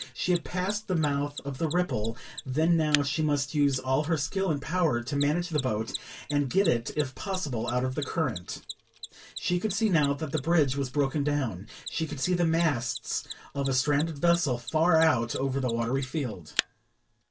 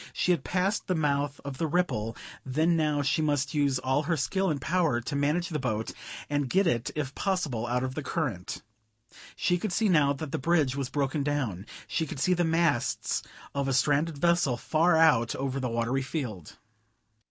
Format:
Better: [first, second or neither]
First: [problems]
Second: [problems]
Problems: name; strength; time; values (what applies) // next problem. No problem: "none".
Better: second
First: background sound (Mechanisms); 15 dB below the speech // room echo; dies away in 0.1 s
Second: none